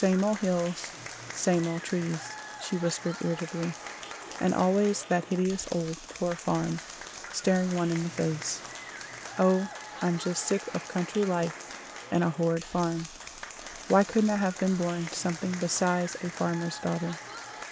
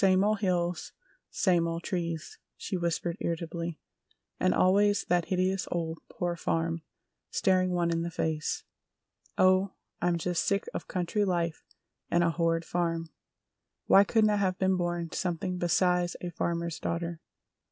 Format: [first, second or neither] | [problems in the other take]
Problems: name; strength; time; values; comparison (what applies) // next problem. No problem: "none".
second | background sound (Applause / Crowd); 12 dB below the speech